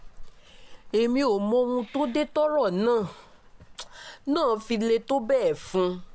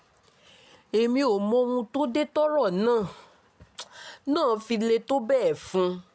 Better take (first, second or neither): second